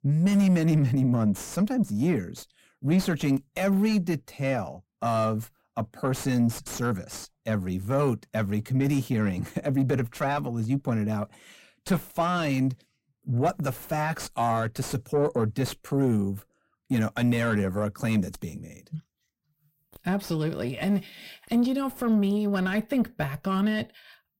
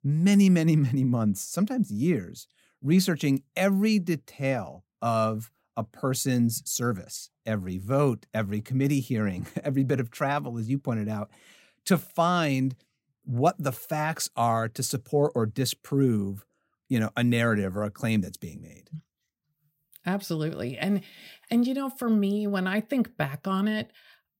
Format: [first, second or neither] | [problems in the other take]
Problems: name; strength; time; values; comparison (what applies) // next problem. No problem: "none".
second | distortion; slight; 10 dB below the speech